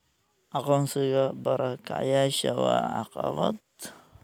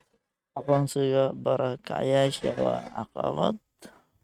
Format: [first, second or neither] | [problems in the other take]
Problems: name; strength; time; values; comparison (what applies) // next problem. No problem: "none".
first | noise reduction (neural mask model RNNoise)